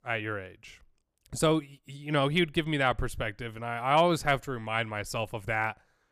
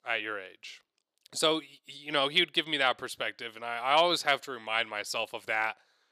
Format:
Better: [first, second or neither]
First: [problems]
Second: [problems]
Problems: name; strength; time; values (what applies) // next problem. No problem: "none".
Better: first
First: none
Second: thin; somewhat; fading below 400 Hz